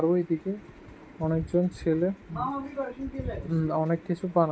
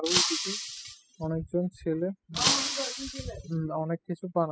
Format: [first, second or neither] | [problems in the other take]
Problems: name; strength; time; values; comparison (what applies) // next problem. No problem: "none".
first | noise reduction (classical method spectral subtraction)